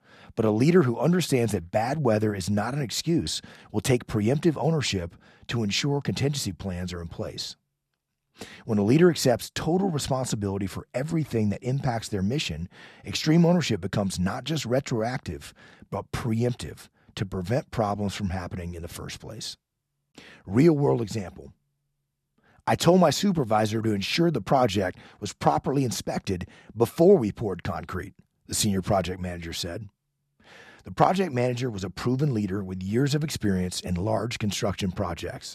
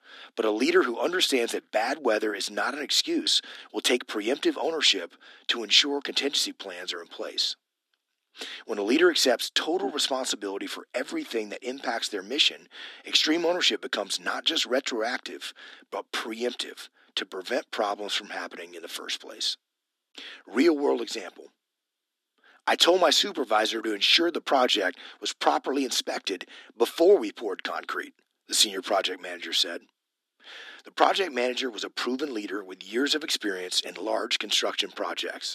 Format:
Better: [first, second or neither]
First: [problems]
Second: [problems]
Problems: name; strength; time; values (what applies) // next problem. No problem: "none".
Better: first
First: none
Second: thin; somewhat; fading below 250 Hz